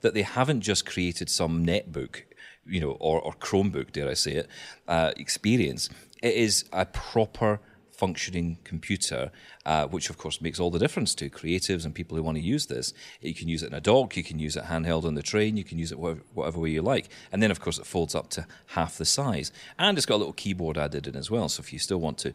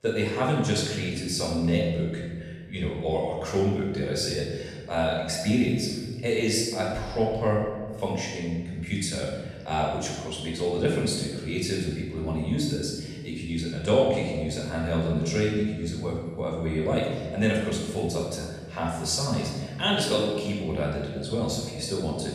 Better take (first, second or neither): first